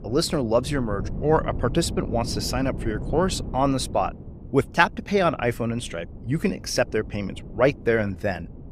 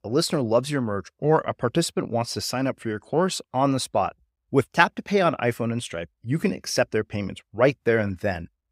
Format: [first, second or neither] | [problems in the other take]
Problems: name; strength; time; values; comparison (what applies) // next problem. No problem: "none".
second | wind noise on the microphone; occasional gusts; 20 dB below the speech